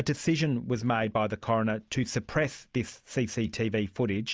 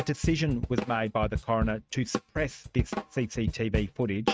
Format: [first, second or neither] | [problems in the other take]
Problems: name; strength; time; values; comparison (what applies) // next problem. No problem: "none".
first | noise reduction (neural mask model RNNoise)